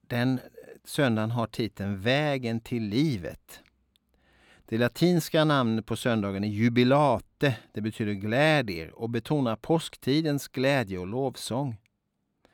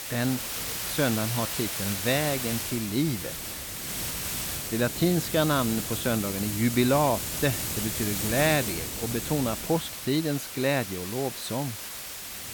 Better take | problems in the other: first | hiss; loud; throughout; 3 dB below the speech

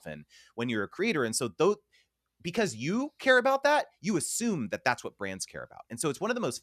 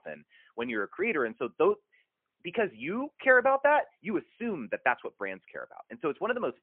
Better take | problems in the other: first | phone-call audio; poor line

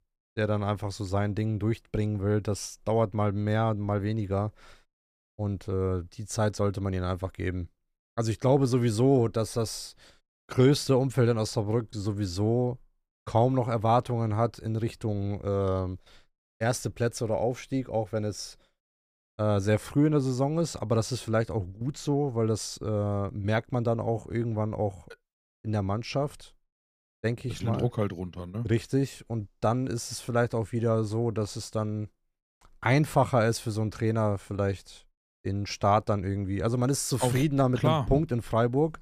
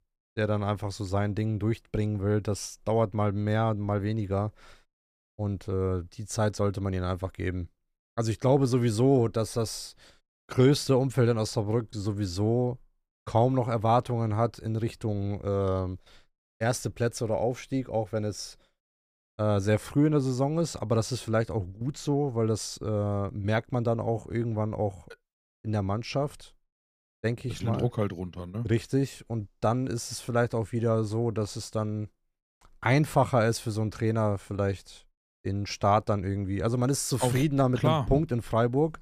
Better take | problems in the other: neither | none

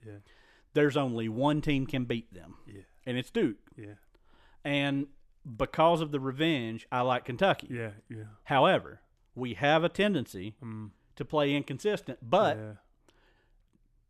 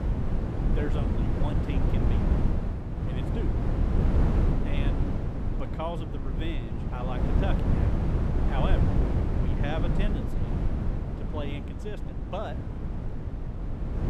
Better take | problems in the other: first | wind noise on the microphone; heavy; 1 dB above the speech

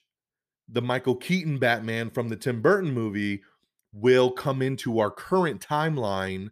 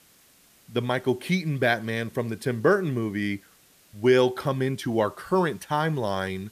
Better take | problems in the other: first | hiss; faint; throughout; 30 dB below the speech

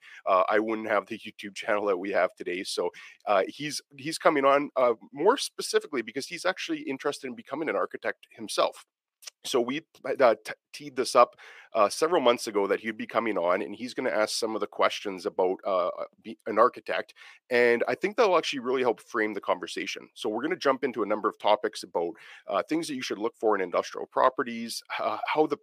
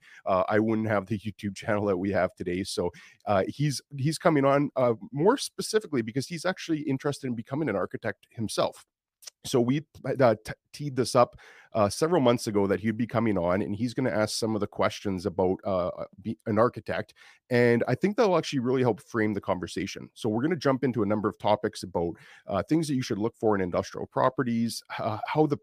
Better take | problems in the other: second | thin; somewhat; fading below 400 Hz

